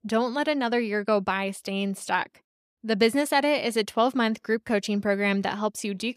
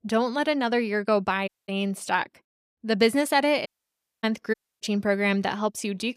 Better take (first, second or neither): first